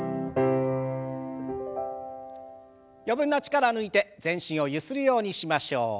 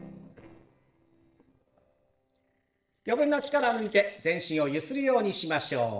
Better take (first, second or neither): first